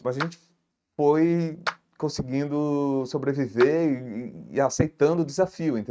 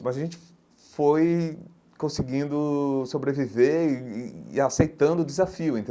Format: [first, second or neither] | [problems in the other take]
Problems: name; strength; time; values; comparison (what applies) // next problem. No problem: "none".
second | noise reduction (neural mask model RNNoise)